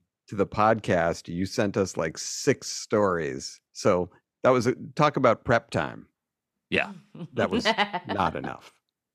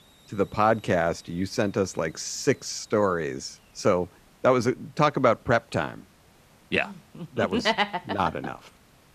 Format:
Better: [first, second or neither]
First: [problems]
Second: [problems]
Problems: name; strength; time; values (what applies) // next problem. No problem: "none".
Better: first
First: none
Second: hiss; faint; throughout; 30 dB below the speech